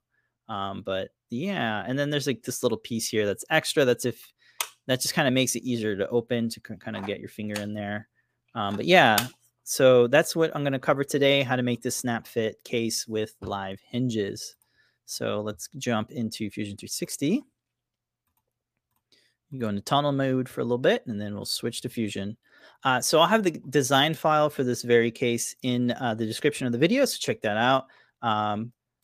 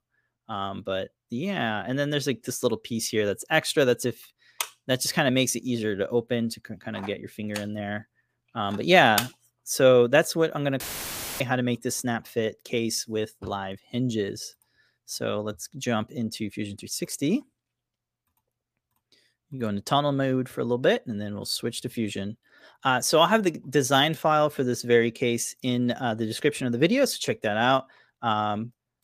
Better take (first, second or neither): first